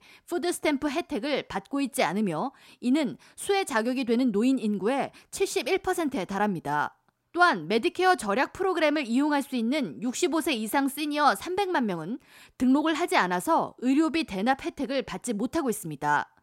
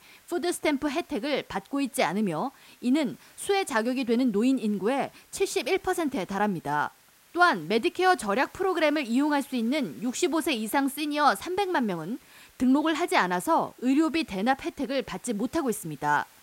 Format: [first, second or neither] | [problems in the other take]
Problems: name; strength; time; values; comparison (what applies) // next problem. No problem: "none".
first | hiss; faint; throughout; 30 dB below the speech